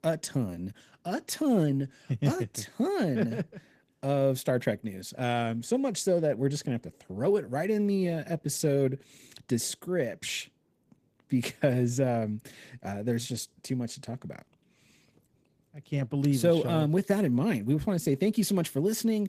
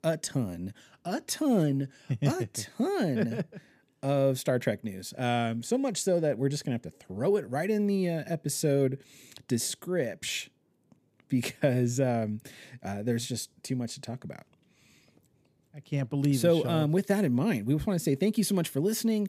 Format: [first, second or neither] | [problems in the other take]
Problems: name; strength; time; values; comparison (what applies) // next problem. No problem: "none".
second | garbled, watery; slightly; nothing above 14.5 kHz